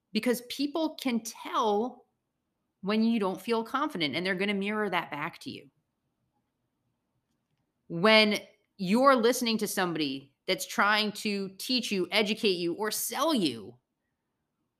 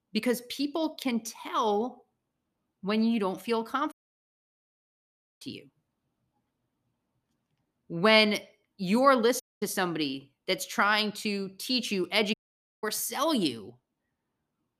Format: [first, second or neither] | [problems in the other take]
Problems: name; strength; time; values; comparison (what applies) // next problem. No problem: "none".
first | audio cutting out; at 4 s for 1.5 s, at 9.5 s and at 12 s